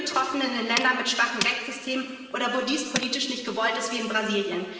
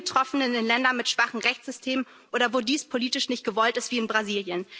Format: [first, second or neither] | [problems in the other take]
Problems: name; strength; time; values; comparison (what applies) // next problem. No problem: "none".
second | background sound (Tools); 10 dB below the speech // room echo; dies away in 1.6 s